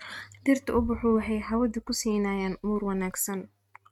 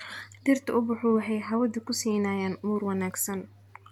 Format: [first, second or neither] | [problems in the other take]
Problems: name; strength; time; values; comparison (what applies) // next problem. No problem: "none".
second | noise reduction (neural mask model RNNoise)